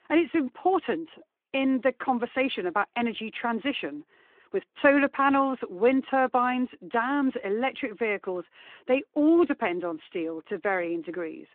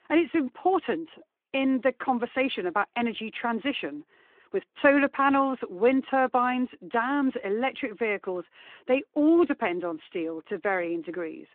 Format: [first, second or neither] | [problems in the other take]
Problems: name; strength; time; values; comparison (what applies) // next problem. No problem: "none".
neither | phone-call audio; the same in both